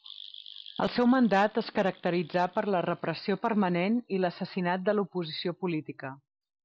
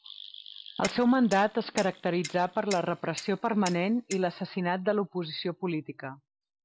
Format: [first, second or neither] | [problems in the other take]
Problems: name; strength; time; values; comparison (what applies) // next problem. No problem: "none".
first | background sound (Clock); 14 dB below the speech